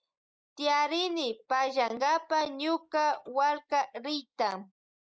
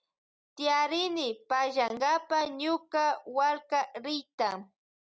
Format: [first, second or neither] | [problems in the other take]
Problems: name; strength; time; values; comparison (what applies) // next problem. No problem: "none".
second | noise reduction (neural mask model Resemble Enhance denoiser)